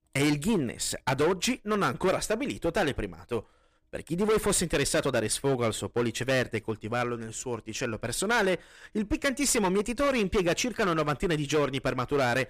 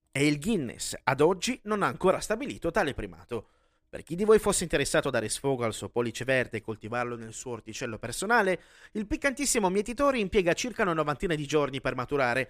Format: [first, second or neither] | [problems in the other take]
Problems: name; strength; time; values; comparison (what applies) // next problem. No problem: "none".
second | distortion; heavy; 10% of the sound clipped